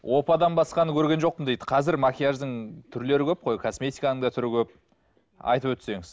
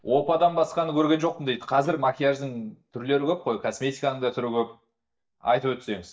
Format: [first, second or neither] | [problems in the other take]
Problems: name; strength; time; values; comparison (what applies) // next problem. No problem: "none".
first | noise reduction (neural mask model DeepFilterNet 3)